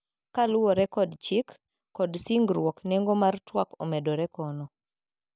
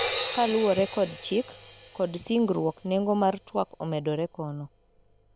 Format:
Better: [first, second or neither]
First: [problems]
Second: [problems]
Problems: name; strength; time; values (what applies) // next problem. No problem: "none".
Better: first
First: none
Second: background sound (Crash cymbal); 11 dB below the speech